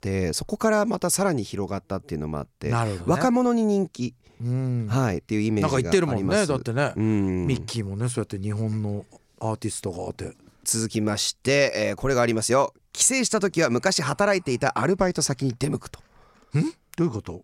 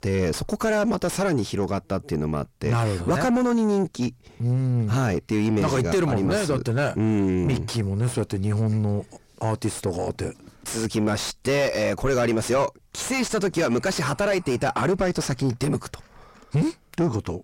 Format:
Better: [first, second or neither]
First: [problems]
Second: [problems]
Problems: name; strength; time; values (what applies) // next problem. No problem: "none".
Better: first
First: none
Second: distortion; heavy; 6 dB below the speech